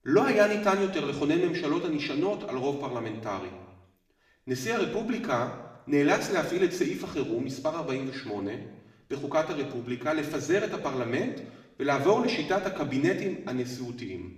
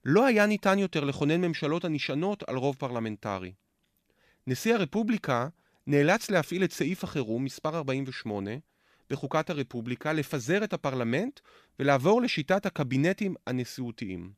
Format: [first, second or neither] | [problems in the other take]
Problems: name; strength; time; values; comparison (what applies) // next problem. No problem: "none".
second | room echo; slight; dies away in 0.8 s // off-mic speech; far